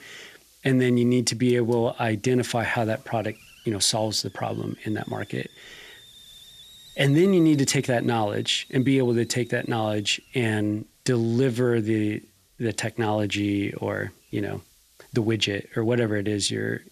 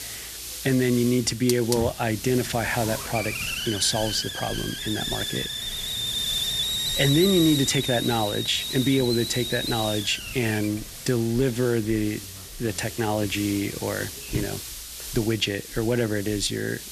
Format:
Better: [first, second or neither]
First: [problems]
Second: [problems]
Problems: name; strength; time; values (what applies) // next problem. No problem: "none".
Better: first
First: hiss; faint; throughout; 25 dB below the speech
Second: hiss; loud; throughout; 4 dB below the speech